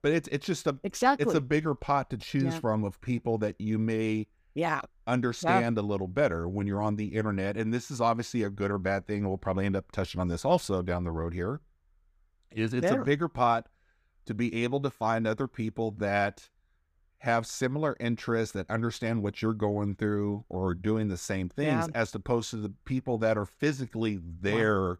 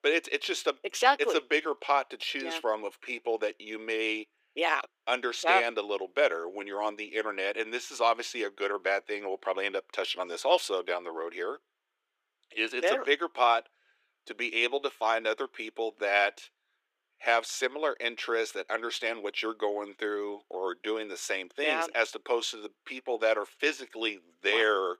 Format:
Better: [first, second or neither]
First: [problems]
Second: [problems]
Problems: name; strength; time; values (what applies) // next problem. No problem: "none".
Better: first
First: none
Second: thin; very; fading below 350 Hz